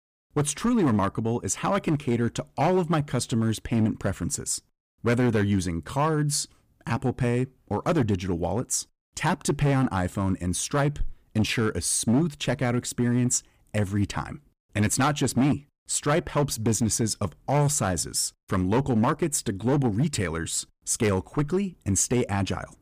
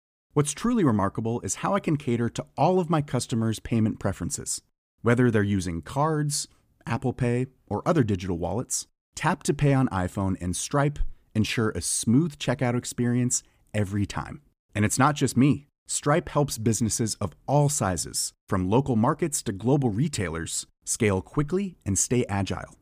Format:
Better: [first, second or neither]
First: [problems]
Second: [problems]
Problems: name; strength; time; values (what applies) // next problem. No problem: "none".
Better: second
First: distortion; slight; 6% of the sound clipped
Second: none